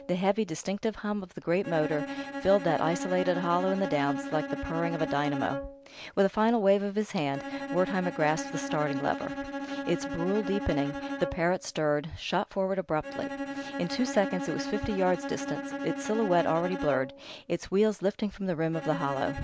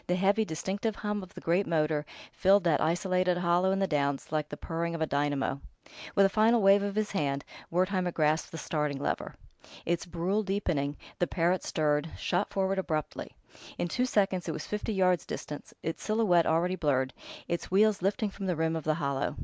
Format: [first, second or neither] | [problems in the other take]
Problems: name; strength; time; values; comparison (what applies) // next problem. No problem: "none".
second | background sound (Bowed string instrument); 8 dB below the speech